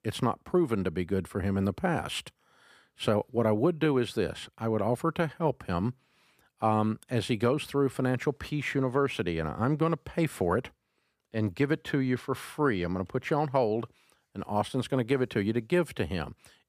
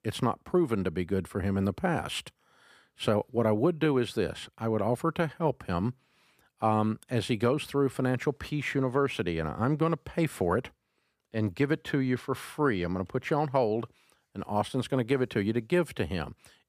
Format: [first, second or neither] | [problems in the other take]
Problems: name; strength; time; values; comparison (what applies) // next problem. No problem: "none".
neither | none